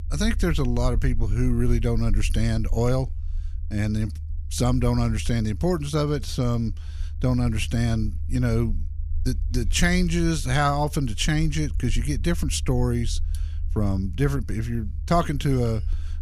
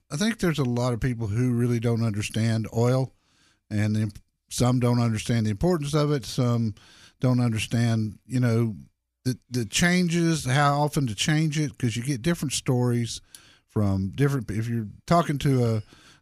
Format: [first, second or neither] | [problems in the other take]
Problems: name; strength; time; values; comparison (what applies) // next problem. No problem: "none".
second | low rumble; faint; throughout; 20 dB below the speech